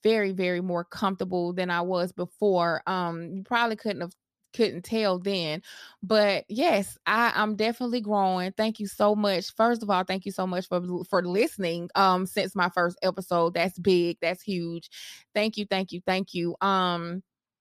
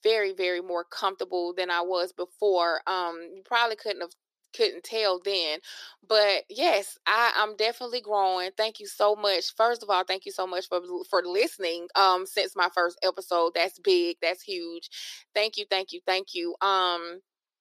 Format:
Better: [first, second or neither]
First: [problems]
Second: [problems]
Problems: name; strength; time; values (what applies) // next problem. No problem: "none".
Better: first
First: none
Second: thin; very; fading below 350 Hz